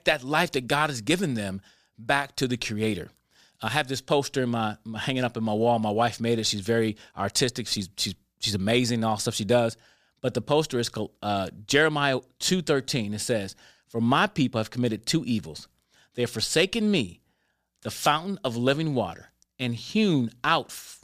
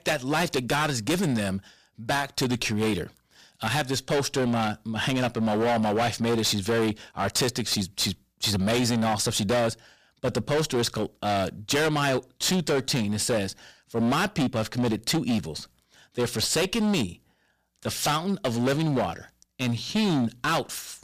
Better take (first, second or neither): first